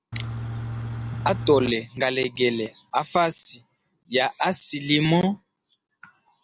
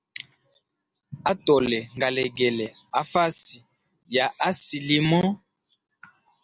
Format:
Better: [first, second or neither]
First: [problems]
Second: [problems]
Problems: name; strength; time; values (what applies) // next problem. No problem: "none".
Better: second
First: background sound (Engine / Truck); 5 dB below the speech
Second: none